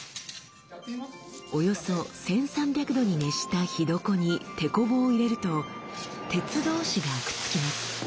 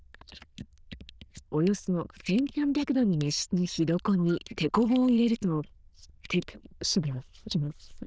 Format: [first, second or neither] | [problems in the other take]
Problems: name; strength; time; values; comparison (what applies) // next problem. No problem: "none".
first | noise reduction (neural diffusion model UNIVERSE++)